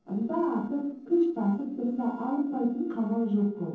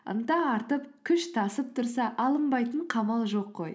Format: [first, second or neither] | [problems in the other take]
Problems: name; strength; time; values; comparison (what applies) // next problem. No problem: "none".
second | noise reduction (neural separator model SepFormer DNS4)